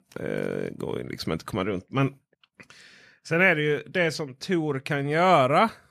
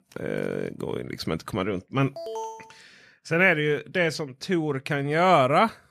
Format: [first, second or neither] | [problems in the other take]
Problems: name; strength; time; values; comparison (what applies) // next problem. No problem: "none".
first | alarm; noticeable; at 2 s; peak 9 dB below the speech